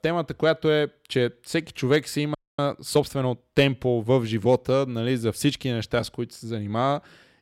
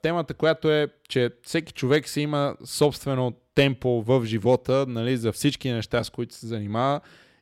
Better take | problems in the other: second | audio freezing; at 2.5 s

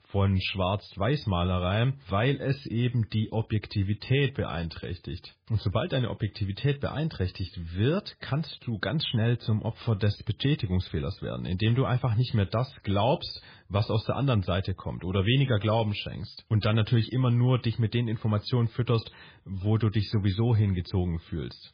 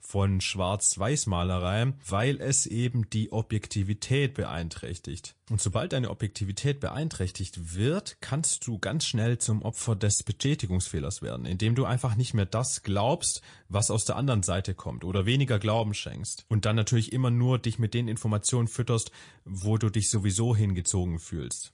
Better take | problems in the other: second | garbled, watery; badly; nothing above 5 kHz; slightly in the second

